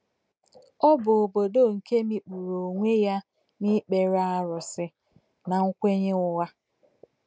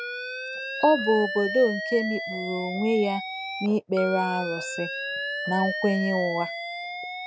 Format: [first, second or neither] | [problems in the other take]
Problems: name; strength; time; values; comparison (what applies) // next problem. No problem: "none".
first | background sound (Alarm); 6 dB below the speech